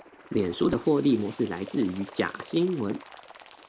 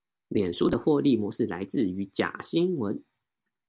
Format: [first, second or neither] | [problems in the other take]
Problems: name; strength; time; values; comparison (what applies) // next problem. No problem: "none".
second | background sound (Bird); 19 dB below the speech